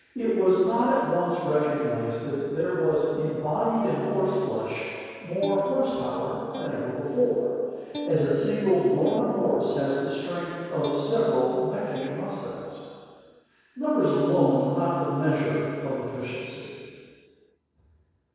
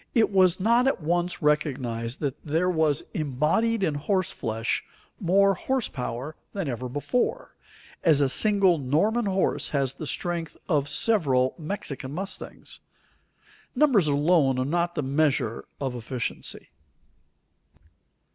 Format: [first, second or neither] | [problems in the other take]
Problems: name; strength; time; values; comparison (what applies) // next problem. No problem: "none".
second | noise reduction (neural separator model SepFormer DNS4)